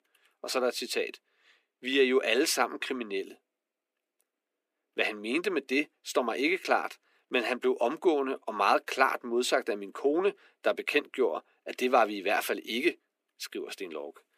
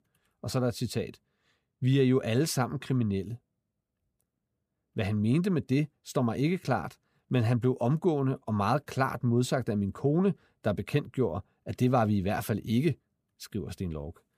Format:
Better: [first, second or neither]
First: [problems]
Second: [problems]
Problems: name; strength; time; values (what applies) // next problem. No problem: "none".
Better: second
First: thin; very; fading below 300 Hz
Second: none